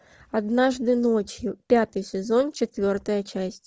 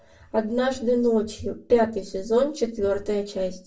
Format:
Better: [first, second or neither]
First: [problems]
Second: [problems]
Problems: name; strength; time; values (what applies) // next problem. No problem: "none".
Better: first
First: none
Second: room echo; dies away in 0.3 s